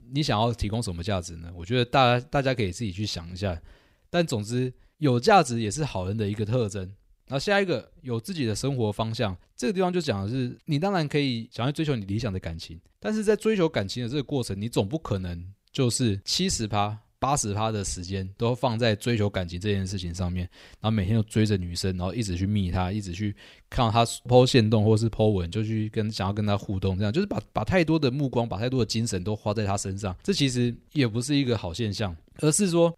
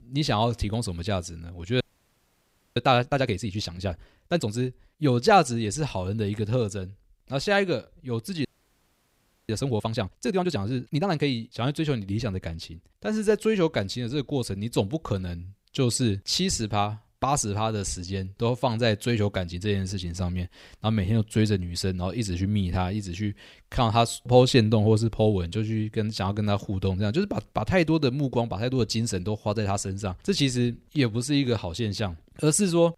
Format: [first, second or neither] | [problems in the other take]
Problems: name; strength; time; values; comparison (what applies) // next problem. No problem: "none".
first | audio freezing; at 2 s for 1 s and at 8.5 s for 1 s